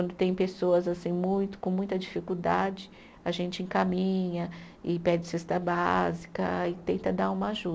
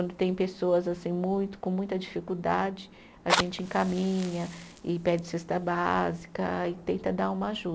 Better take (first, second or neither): first